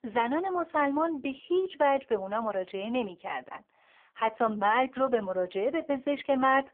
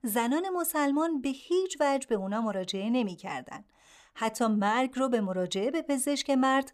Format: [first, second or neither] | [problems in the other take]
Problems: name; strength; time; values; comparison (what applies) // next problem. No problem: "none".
second | phone-call audio; poor line